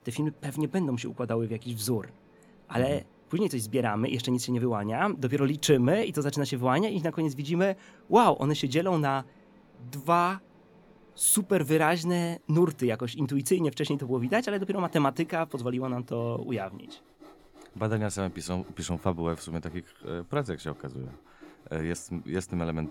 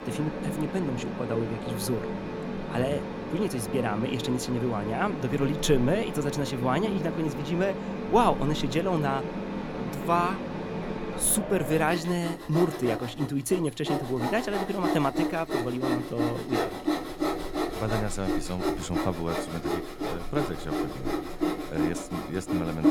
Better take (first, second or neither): first